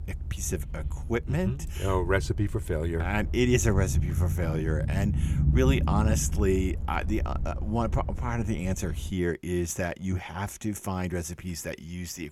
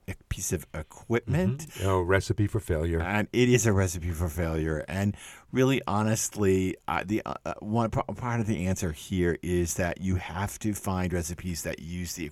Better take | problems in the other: second | low rumble; noticeable; until 9 s; 10 dB below the speech

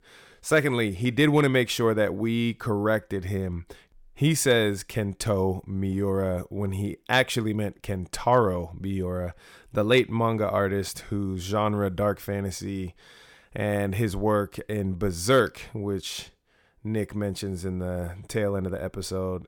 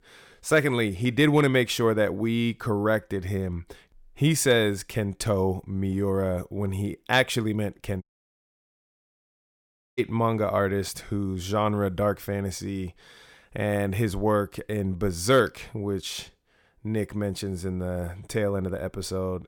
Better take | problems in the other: first | audio cutting out; at 8 s for 2 s

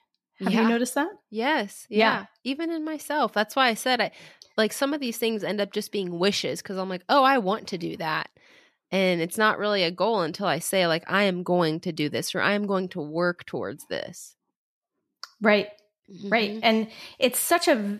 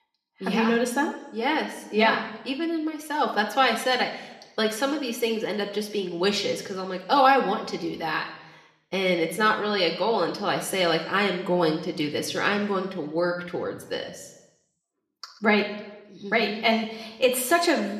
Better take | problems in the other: first | room echo; slight; dies away in 0.9 s

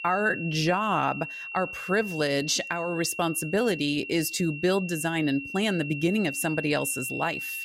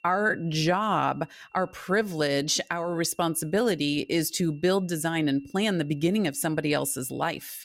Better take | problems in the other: second | high-pitched whine; loud; throughout; 2.5 kHz, 8 dB below the speech; faint in the second

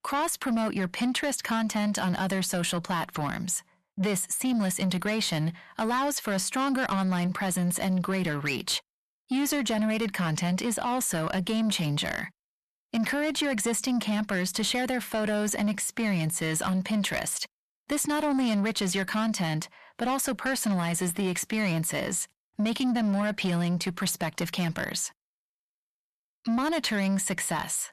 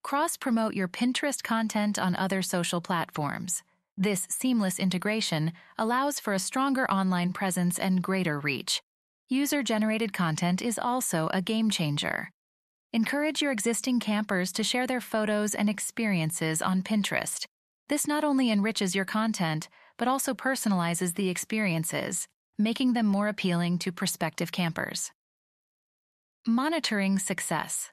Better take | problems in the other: second | distortion; slight; 10 dB below the speech

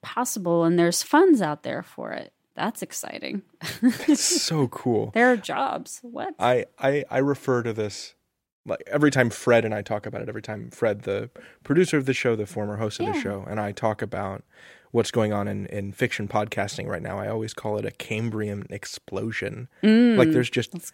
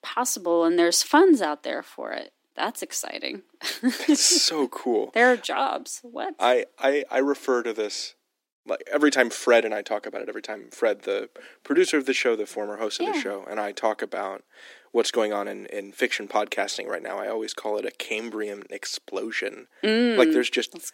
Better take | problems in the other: first | thin; very slightly; fading below 250 Hz

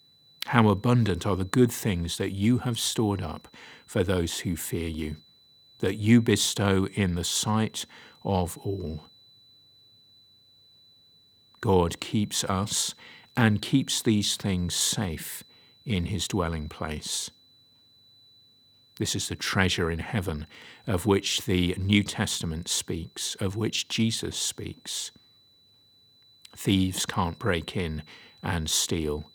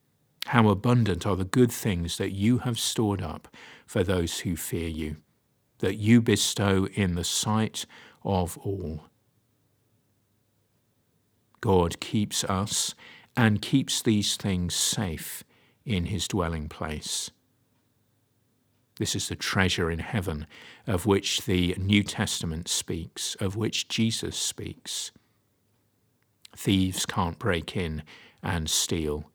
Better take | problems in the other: second | high-pitched whine; faint; throughout; 4 kHz, 30 dB below the speech

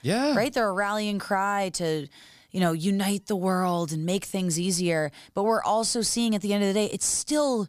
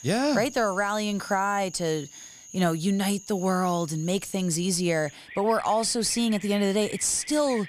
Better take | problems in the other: first | animal sounds; noticeable; throughout; 15 dB below the speech

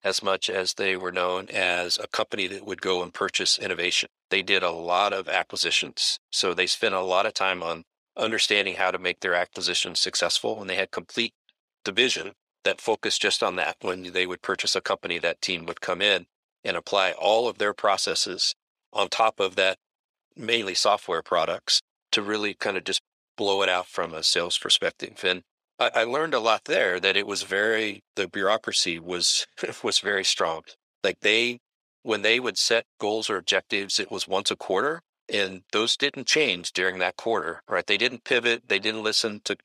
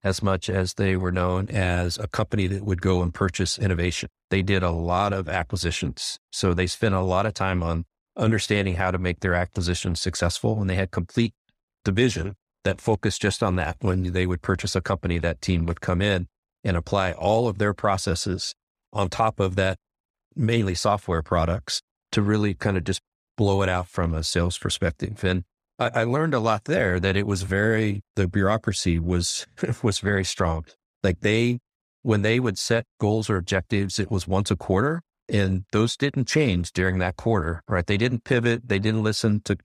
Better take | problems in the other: second | thin; very; fading below 500 Hz

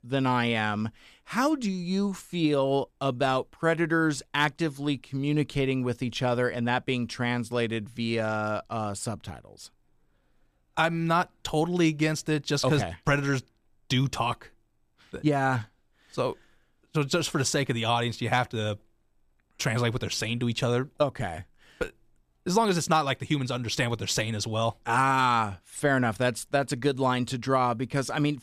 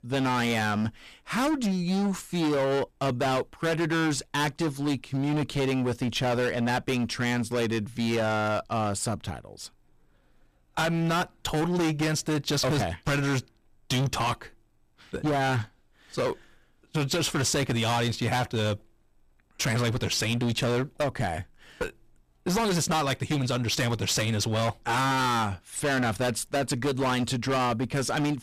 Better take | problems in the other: first | distortion; heavy; 21% of the sound clipped

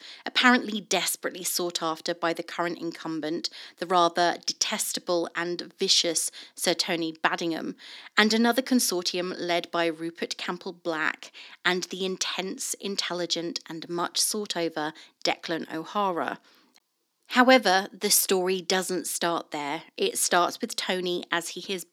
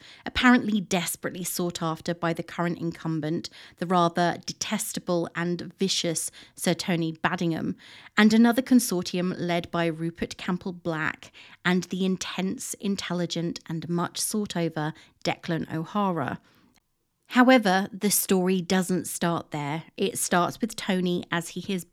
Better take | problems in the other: second | thin; somewhat; fading below 300 Hz

